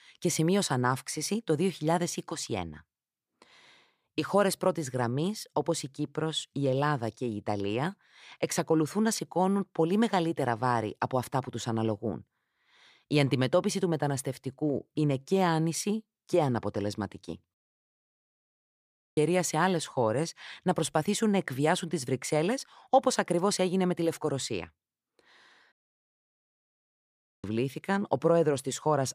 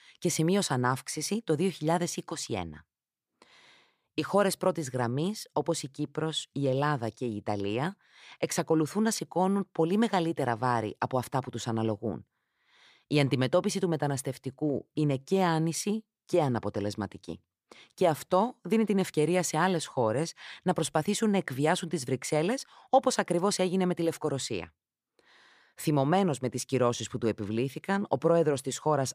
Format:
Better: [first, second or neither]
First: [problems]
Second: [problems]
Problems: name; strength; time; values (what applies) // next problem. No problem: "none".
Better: second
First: audio cutting out; at 18 s for 1.5 s and at 26 s for 1.5 s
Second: none